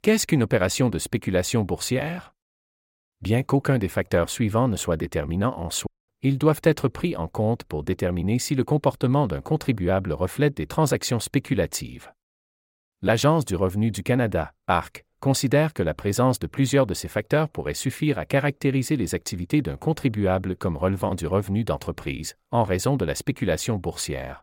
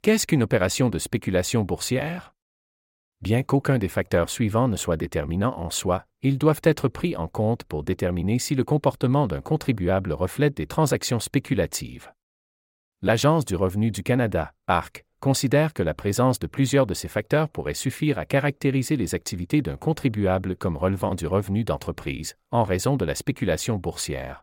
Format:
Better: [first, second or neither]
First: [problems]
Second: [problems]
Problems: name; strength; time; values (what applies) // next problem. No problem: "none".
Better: second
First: audio cutting out; at 6 s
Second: none